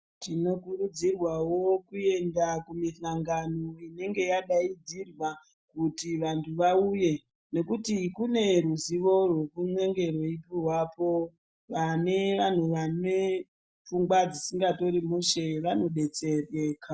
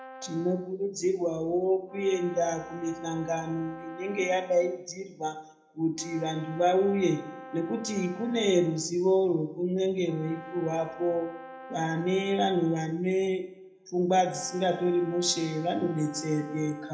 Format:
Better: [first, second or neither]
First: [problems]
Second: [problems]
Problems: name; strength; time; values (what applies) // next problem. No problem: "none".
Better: first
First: none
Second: background sound (Brass instrument); 17 dB below the speech // room echo; dies away in 0.7 s